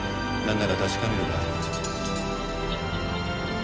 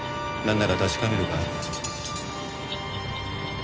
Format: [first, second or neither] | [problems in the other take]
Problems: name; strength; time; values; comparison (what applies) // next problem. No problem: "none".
second | background sound (Musical instrument); 1 dB above the speech